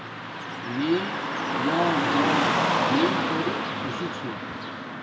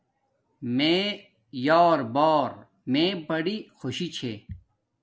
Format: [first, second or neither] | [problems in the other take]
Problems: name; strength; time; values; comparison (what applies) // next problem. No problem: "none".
second | background sound (Car passing by / Traffic noise, roadway noise); 4 dB above the speech // room echo; dies away in 0.2 s